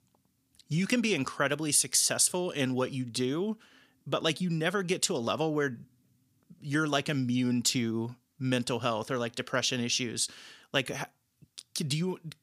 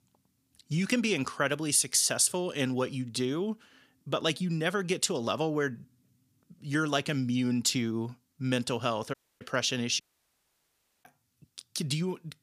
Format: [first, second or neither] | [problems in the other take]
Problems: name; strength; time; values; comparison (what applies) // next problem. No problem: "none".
first | audio cutting out; at 9 s and at 10 s for 1 s